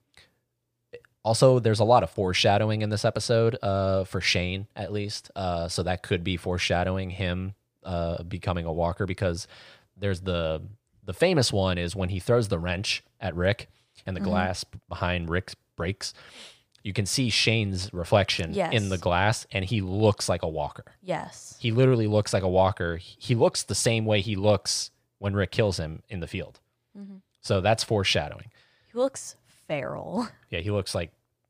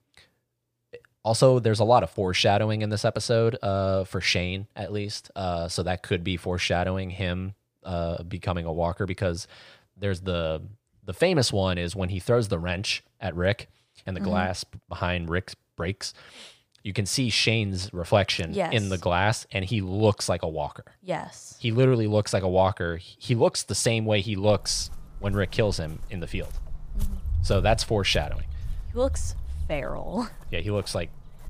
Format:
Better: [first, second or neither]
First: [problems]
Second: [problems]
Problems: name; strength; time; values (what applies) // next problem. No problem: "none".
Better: first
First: none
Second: footsteps; noticeable; from 24 s on; peak 3 dB below the speech